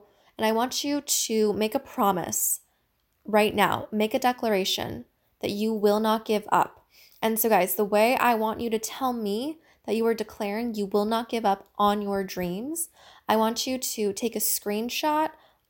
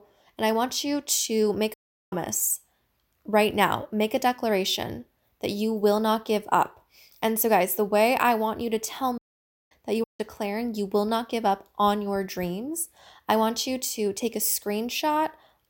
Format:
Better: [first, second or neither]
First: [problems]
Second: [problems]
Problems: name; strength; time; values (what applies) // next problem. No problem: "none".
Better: first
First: none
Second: audio cutting out; at 1.5 s, at 9 s for 0.5 s and at 10 s